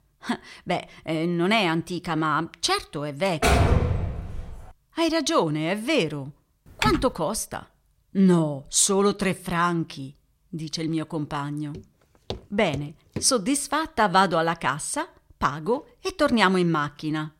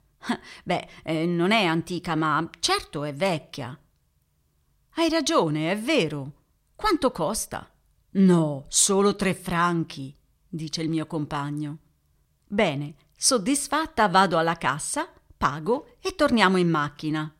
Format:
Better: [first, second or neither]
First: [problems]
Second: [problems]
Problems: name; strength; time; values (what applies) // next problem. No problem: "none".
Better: second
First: door banging; loud; from 3.5 to 4.5 s; peak 5 dB above the speech // keyboard typing; noticeable; at 7 s; peak 3 dB below the speech // footsteps; faint; from 12 to 13 s; peak 15 dB below the speech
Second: none